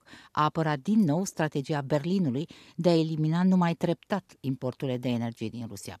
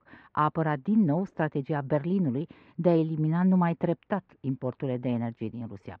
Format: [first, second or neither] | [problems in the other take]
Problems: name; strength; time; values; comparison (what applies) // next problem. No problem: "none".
first | muffled; very; fading above 2 kHz